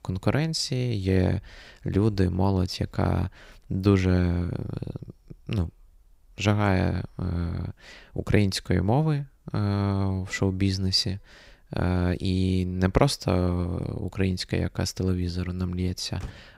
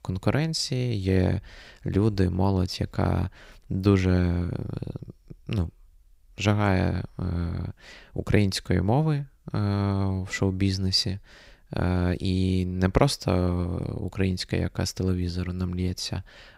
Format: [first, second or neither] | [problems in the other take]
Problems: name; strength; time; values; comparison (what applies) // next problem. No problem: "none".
second | traffic noise; very faint; throughout; 15 dB below the speech